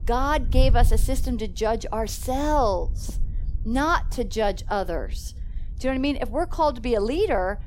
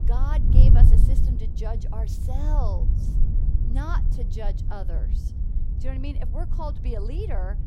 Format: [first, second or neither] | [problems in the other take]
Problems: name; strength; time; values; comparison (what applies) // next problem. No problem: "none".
first | wind noise on the microphone; heavy; 3 dB below the speech; occasional gusts in the first